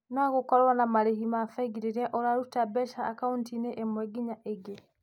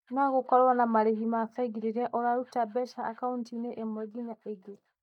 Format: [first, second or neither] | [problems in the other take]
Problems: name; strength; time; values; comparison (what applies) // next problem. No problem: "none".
first | noise reduction (neural mask model DeepFilterNet 3)